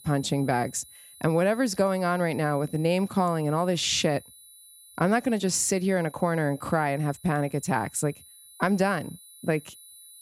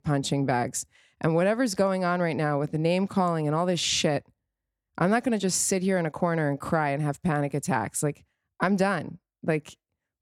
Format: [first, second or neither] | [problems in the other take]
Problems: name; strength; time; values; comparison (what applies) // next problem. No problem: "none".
second | high-pitched whine; faint; throughout; 10 kHz, 20 dB below the speech